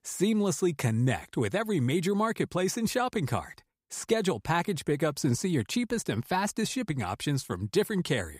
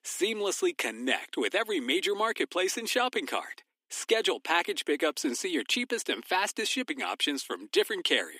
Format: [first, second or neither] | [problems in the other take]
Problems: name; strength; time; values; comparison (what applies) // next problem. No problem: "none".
first | thin; somewhat; fading below 250 Hz